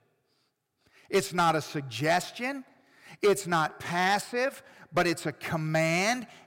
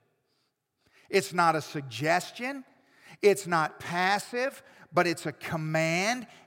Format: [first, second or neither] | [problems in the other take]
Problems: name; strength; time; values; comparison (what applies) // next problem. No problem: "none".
second | distortion; slight; 2% of the sound clipped